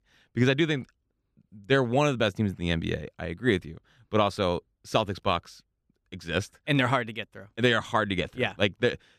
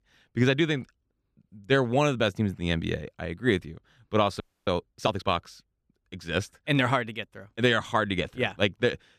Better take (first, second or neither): first